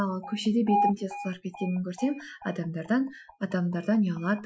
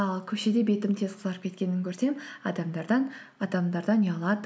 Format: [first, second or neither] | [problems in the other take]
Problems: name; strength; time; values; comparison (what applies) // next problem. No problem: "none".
second | noise reduction (classical method Wiener filter)